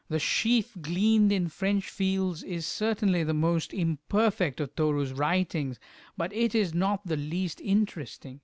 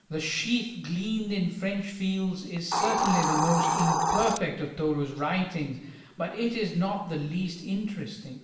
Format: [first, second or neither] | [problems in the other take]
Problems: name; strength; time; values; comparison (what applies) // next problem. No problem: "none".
first | background sound (Hiss); 3 dB below the speech // room echo; dies away in 0.8 s